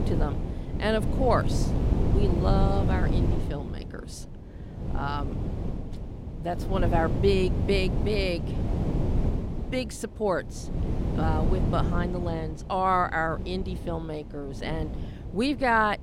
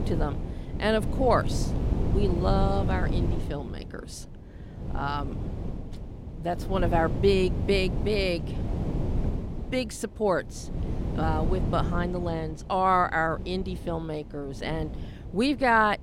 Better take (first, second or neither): second